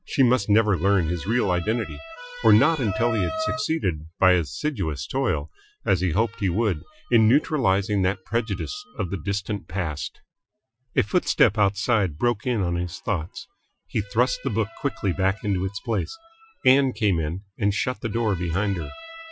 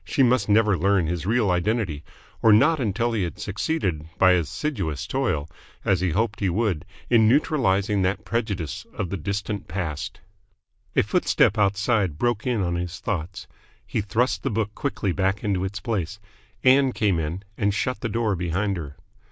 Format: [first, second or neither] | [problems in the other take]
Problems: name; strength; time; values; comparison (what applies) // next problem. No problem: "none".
second | noise reduction (classical method Wiener filter)